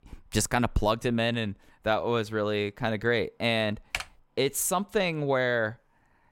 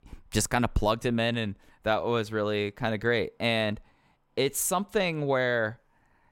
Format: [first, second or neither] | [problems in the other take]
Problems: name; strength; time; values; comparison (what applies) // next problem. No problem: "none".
second | keyboard typing; noticeable; at 4 s; peak 7 dB below the speech